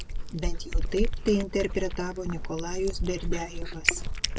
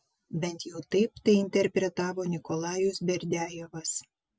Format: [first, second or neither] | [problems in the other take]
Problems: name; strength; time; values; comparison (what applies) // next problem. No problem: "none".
second | background sound (Cat); 2 dB above the speech